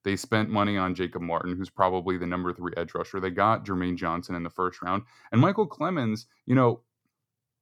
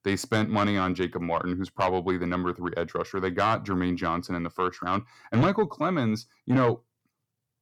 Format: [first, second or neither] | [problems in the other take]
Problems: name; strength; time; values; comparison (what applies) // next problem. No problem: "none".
first | distortion; slight; 10 dB below the speech